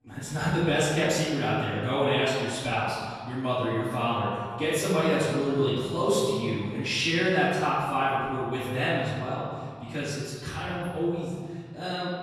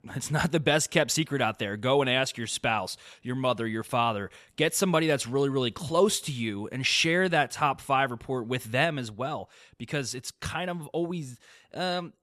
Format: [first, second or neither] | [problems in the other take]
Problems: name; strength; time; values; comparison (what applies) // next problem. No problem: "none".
second | off-mic speech; far // room echo; strong; dies away in 1.8 s